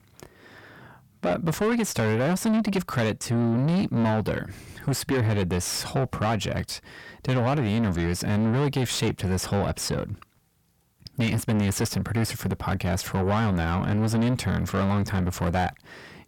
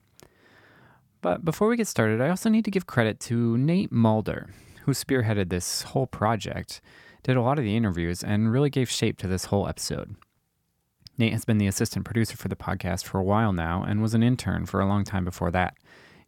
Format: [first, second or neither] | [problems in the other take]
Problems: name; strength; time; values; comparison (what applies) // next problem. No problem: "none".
second | distortion; heavy; 7 dB below the speech